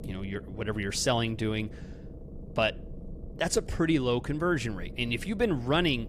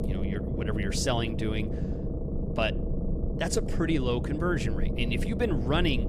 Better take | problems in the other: first | low rumble; loud; throughout; 7 dB below the speech; faint in the first

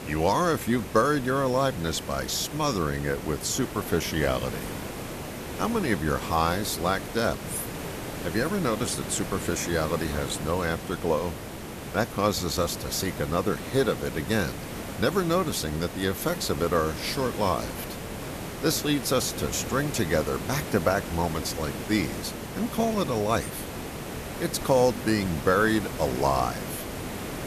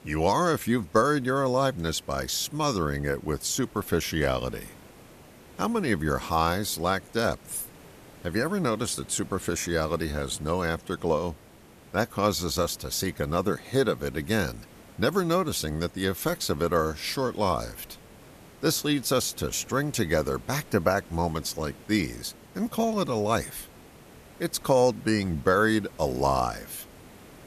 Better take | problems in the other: second | hiss; loud; throughout; 9 dB below the speech; faint in the second

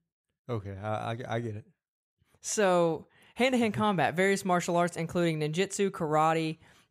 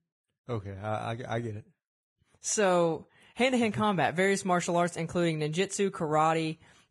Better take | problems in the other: first | garbled, watery; badly; nothing above 10.5 kHz

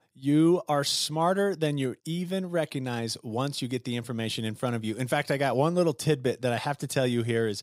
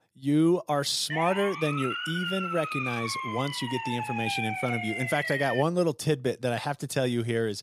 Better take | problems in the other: first | siren; noticeable; from 1 to 5.5 s; peak 2 dB below the speech

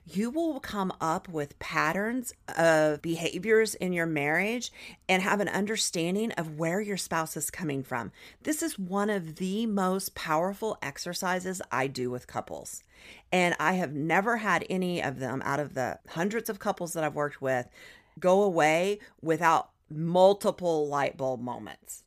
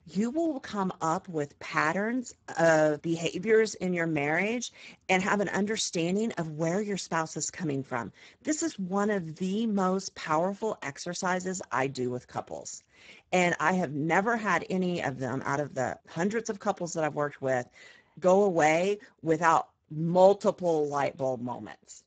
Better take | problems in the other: first | garbled, watery; badly; nothing above 7.5 kHz

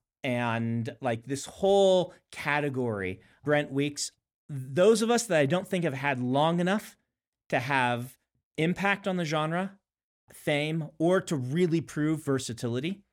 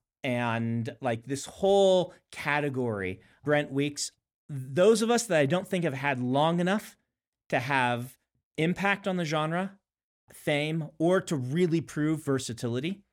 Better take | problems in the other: neither | none

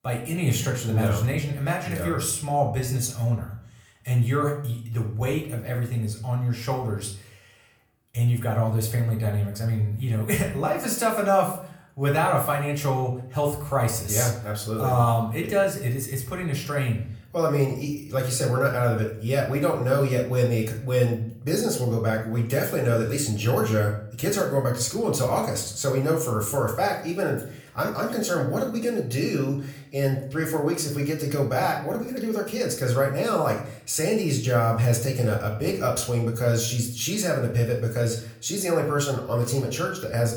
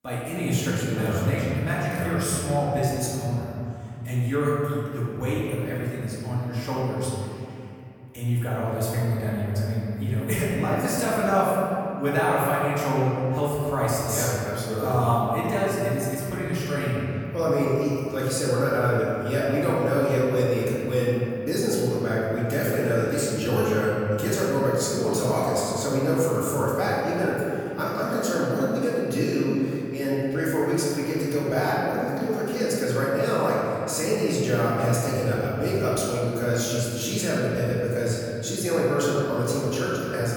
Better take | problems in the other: first | room echo; strong; dies away in 2.6 s; slight in the first // off-mic speech; far; far in the first

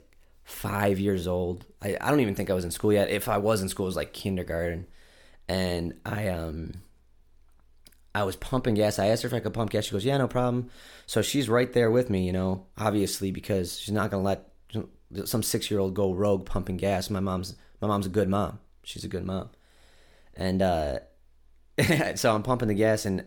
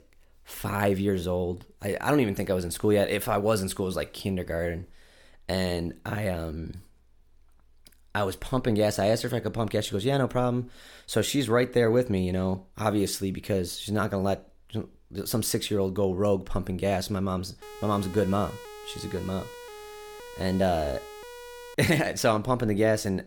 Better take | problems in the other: first | siren; faint; from 18 to 22 s; peak 15 dB below the speech

